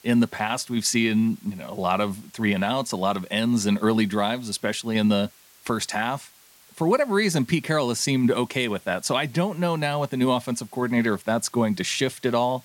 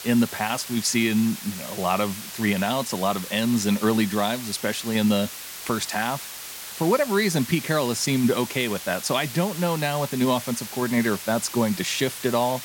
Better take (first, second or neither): first